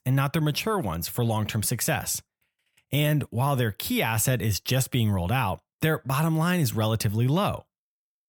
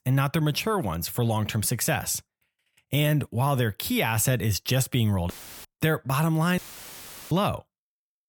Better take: first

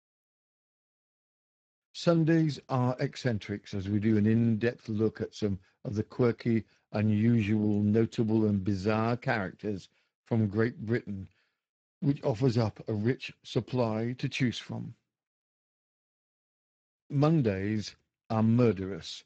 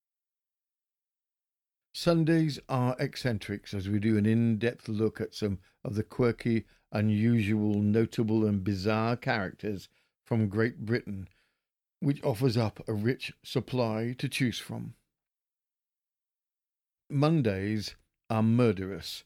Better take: second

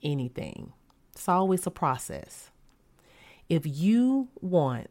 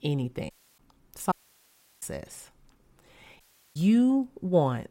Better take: first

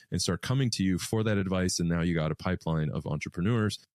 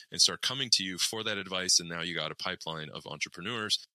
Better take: first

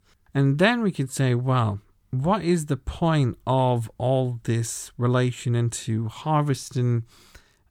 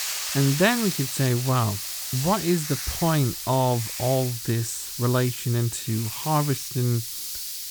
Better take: first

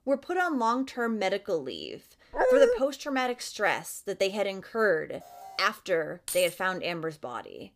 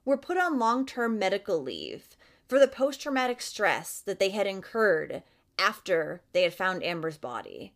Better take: second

